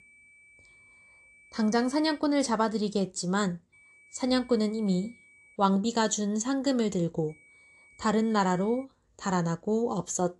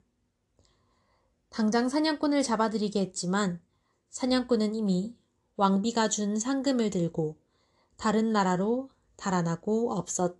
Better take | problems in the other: second | high-pitched whine; faint; until 2 s, from 3.5 to 5.5 s and from 7.5 to 9 s; 2.5 kHz, 30 dB below the speech

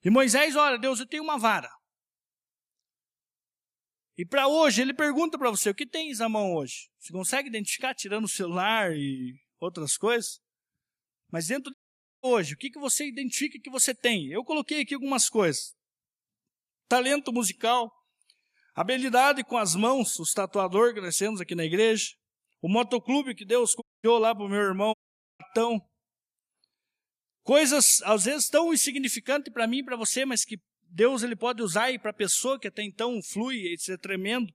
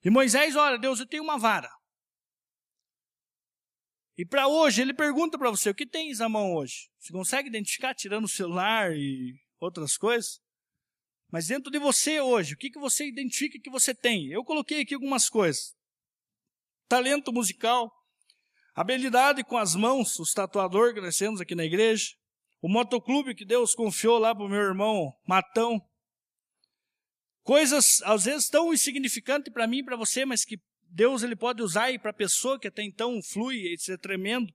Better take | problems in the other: second | audio cutting out; at 12 s, at 24 s and at 25 s

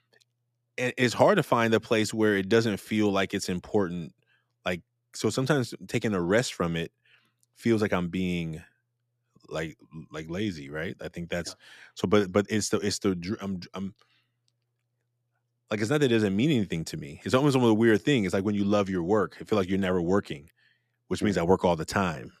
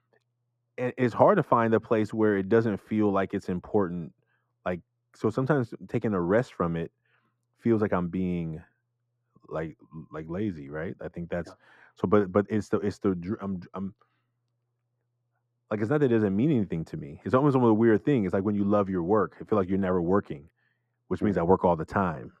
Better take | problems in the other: first | muffled; very; fading above 2 kHz

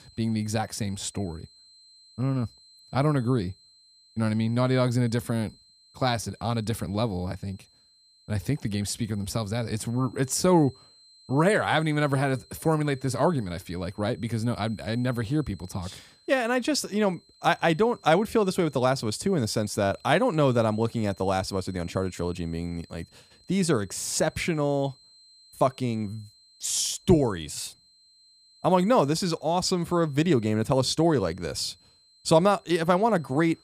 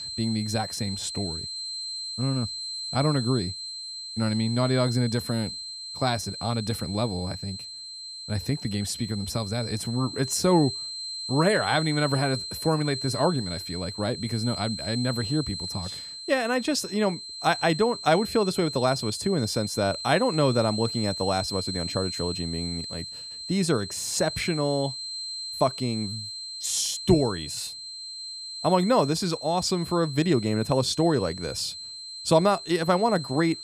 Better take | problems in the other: first | high-pitched whine; loud; throughout; 4 kHz, 7 dB below the speech; faint in the first

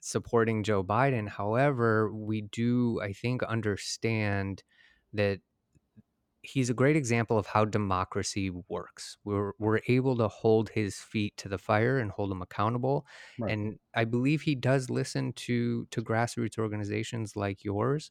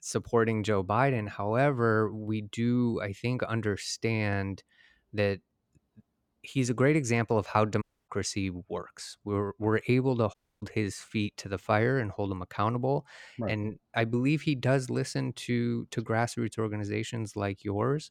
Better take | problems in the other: first | audio cutting out; at 8 s and at 10 s

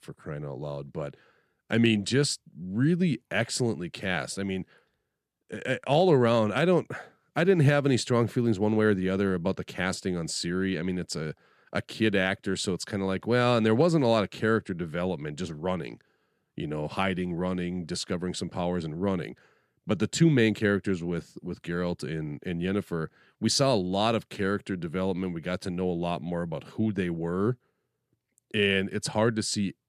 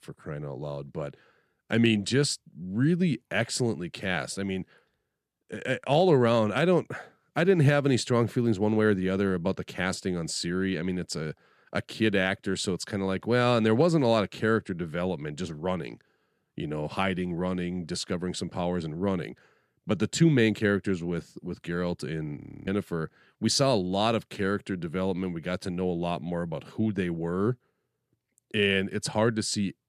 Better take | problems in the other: first | audio freezing; at 22 s

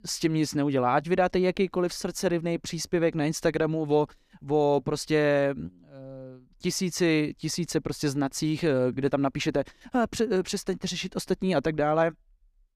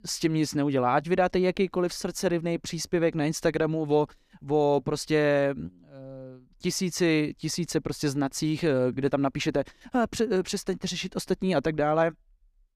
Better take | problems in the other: neither | none

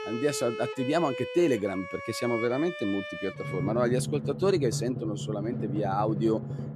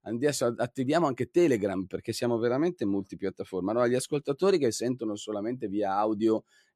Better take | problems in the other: second | background music; loud; throughout; 6 dB below the speech

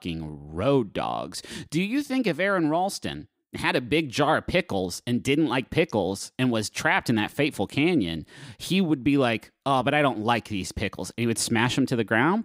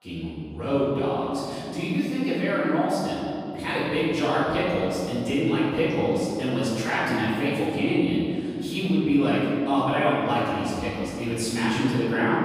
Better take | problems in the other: first | off-mic speech; far // room echo; strong; dies away in 2.5 s

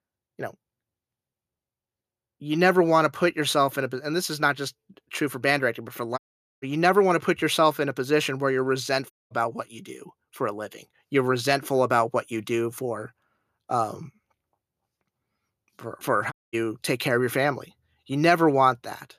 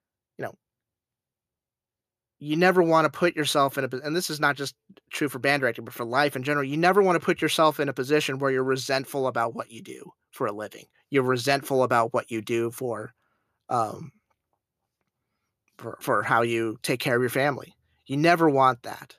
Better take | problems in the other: second | audio cutting out; at 6 s, at 9 s and at 16 s

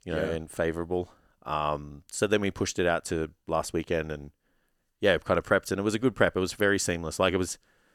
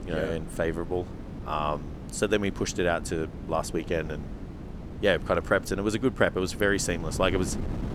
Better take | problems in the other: first | wind noise on the microphone; occasional gusts; 15 dB below the speech

